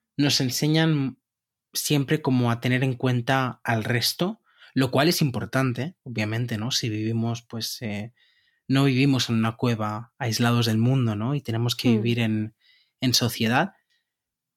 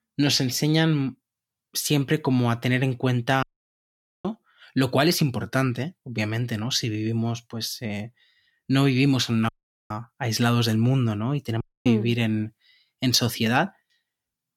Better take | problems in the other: first | audio cutting out; at 3.5 s for 1 s, at 9.5 s and at 12 s

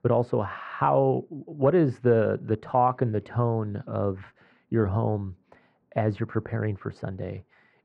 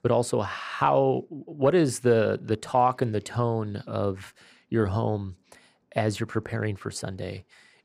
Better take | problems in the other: second | muffled; very; fading above 1.5 kHz

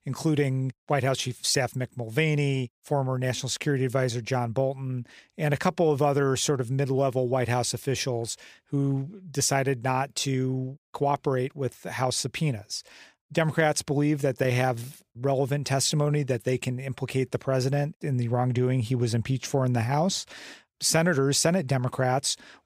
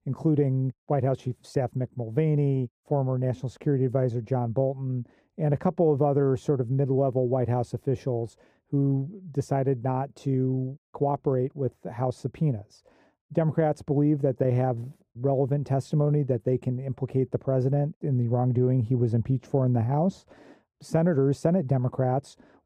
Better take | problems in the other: first | muffled; very; fading above 1.5 kHz

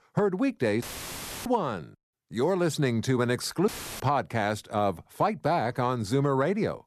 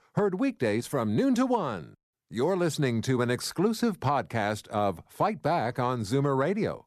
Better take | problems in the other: second | audio cutting out; filled with static; at 1 s for 0.5 s and at 3.5 s

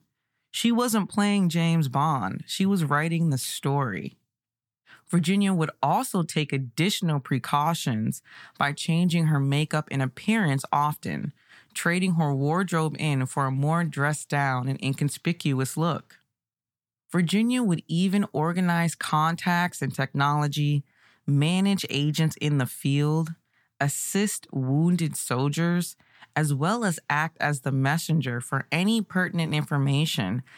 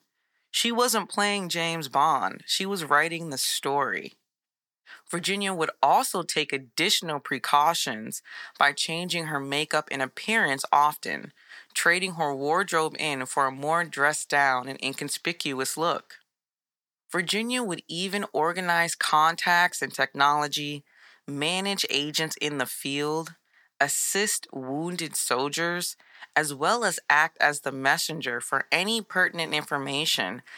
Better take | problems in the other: first | thin; very; fading below 500 Hz

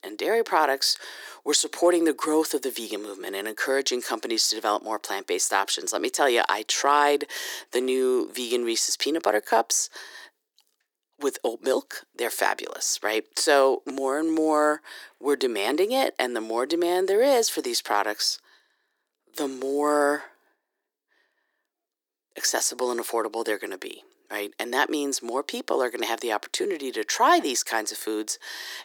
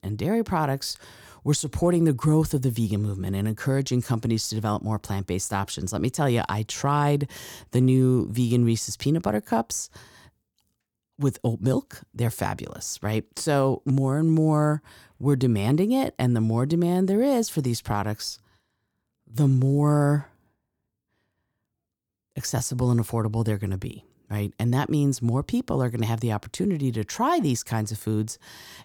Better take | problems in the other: second | thin; very; fading below 350 Hz

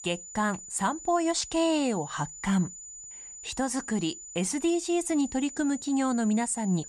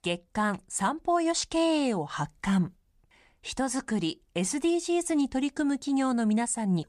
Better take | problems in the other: second | high-pitched whine; noticeable; throughout; 7 kHz, 15 dB below the speech

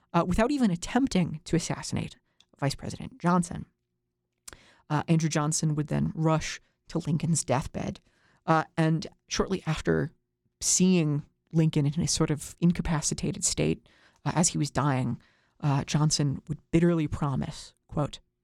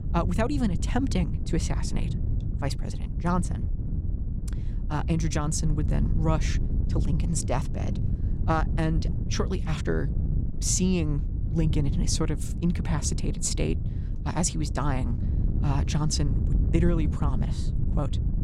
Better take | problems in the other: first | wind noise on the microphone; occasional gusts; 10 dB below the speech

